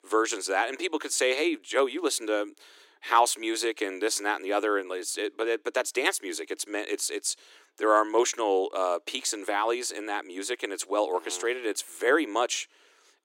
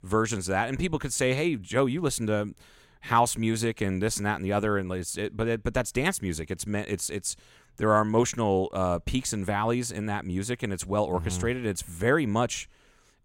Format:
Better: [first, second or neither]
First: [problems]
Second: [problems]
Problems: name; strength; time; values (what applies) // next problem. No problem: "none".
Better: second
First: thin; very; fading below 300 Hz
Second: none